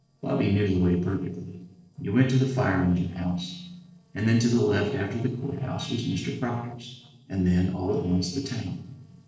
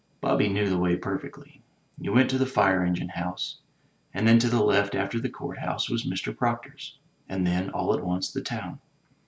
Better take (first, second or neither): second